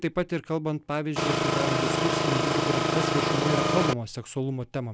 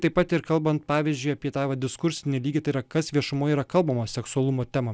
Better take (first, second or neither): second